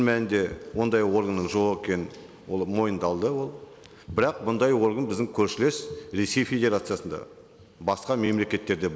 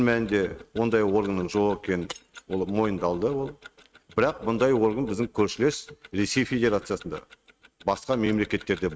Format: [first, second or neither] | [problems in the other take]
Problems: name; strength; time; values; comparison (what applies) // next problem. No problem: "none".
first | noise reduction (neural mask model RNNoise)